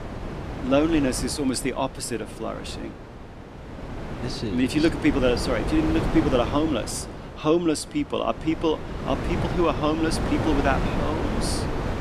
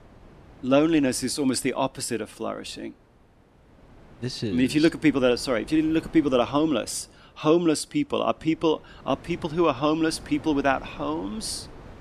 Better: second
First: wind noise on the microphone; heavy; 7 dB below the speech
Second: wind noise on the microphone; occasional gusts; 25 dB below the speech

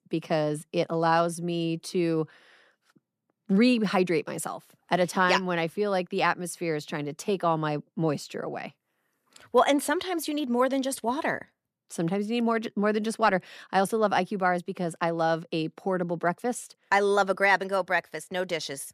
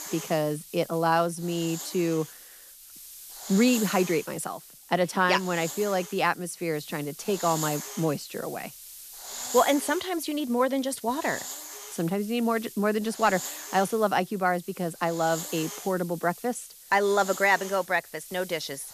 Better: first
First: none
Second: hiss; noticeable; throughout; 10 dB below the speech

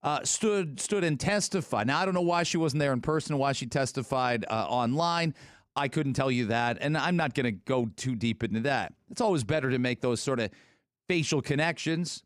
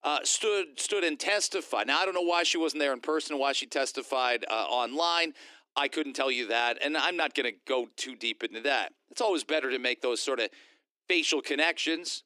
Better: first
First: none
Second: thin; somewhat; fading below 300 Hz

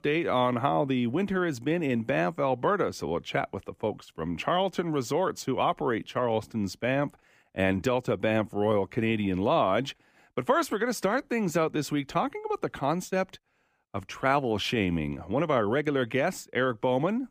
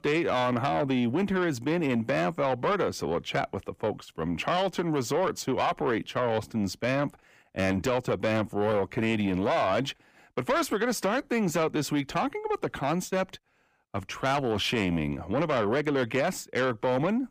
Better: first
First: none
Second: distortion; slight; 10 dB below the speech

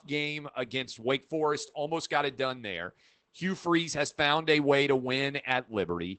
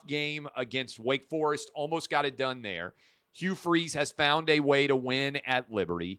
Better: second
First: garbled, watery; badly; nothing above 8 kHz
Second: garbled, watery; slightly; nothing above 15.5 kHz

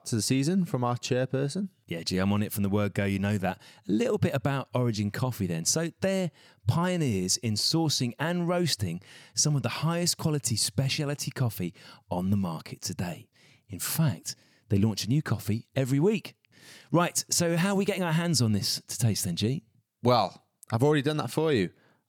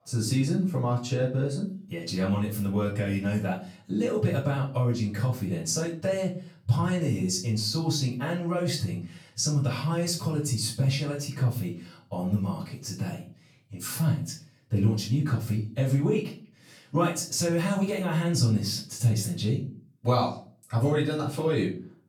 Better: first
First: none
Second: off-mic speech; far // room echo; slight; dies away in 0.3 s

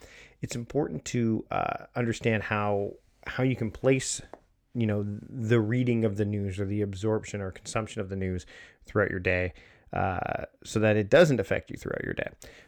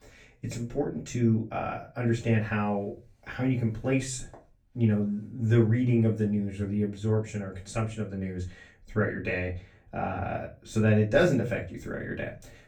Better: first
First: none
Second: room echo; slight; dies away in 0.3 s // off-mic speech; far

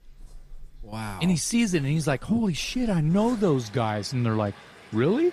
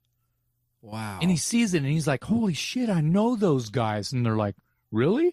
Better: second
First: rain or running water; faint; throughout; 25 dB below the speech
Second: none

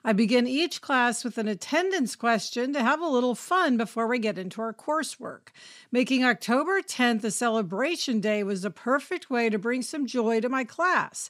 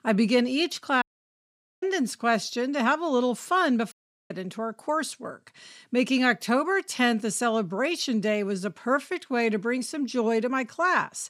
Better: first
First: none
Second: audio cutting out; at 1 s for 1 s and at 4 s

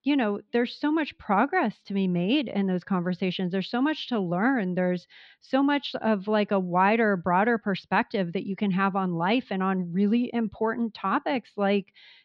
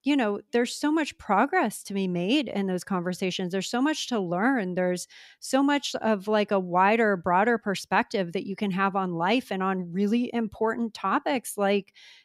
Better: second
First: muffled; very slightly; fading above 4 kHz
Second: none

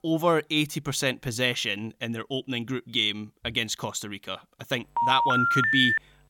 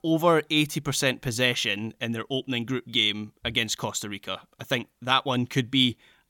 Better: second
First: phone ringing; loud; from 5 s on; peak 6 dB above the speech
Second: none

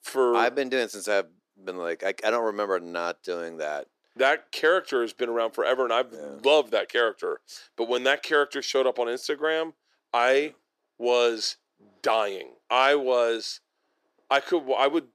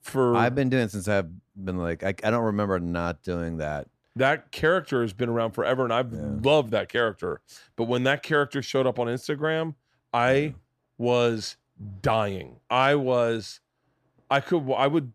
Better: second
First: thin; somewhat; fading below 350 Hz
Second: none

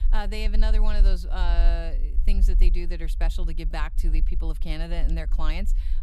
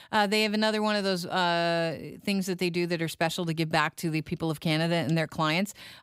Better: second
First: low rumble; noticeable; throughout; 15 dB below the speech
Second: none

